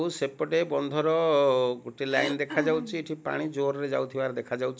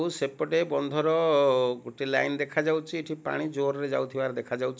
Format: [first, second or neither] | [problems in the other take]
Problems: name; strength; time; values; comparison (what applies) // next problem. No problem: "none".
second | background sound (Cough); 9 dB below the speech